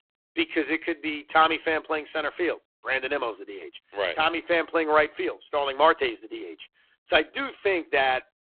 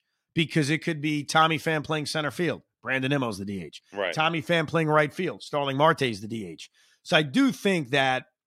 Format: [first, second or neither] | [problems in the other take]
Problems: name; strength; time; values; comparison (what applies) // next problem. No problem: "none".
second | phone-call audio; poor line